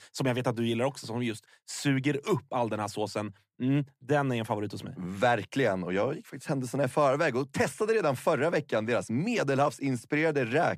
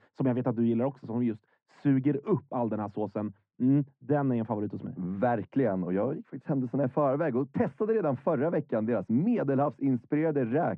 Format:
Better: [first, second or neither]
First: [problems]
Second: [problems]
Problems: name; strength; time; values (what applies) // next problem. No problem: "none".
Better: first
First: none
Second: muffled; very; fading above 1 kHz